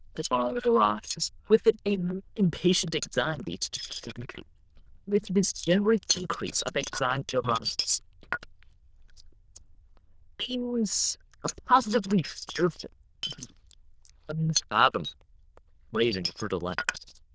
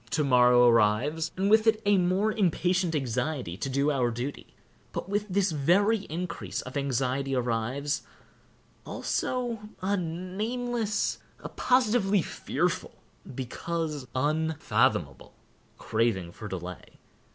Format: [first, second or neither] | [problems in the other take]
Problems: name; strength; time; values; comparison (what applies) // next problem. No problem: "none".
second | noise reduction (neural diffusion model UNIVERSE++)